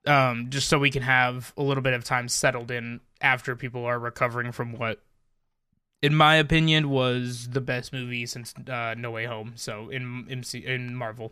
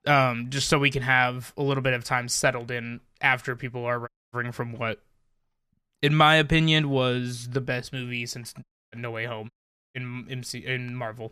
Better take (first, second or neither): first